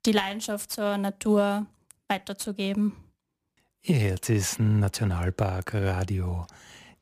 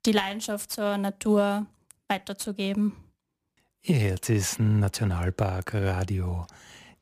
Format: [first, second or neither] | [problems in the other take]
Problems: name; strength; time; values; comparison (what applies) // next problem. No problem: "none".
neither | none